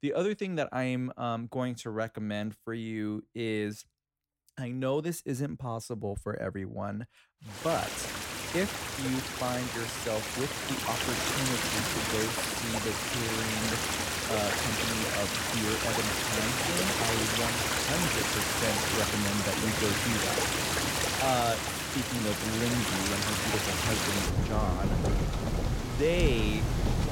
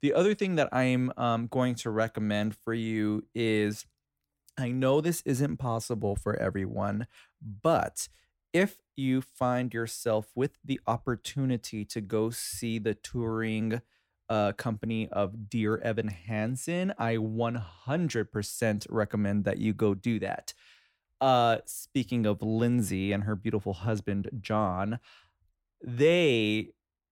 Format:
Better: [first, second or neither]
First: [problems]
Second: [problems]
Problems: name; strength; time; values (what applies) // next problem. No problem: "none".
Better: second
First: rain or running water; very loud; from 7.5 s on; 4 dB above the speech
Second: none